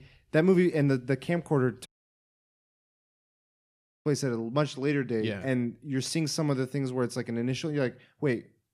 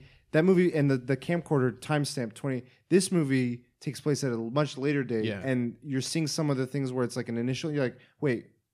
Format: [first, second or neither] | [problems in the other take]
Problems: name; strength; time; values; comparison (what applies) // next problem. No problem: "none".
second | audio cutting out; at 2 s for 2 s